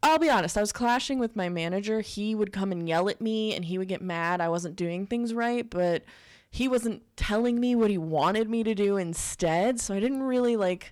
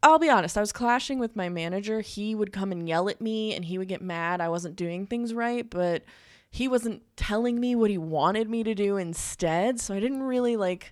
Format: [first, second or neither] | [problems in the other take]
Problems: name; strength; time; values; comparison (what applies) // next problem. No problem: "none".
second | distortion; slight; 3% of the sound clipped